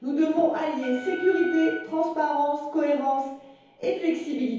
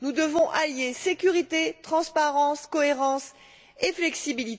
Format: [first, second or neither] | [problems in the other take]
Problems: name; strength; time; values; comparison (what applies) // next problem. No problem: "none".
second | background sound (Wind instrument, woodwind instrument); 13 dB below the speech // room echo; dies away in 2.2 s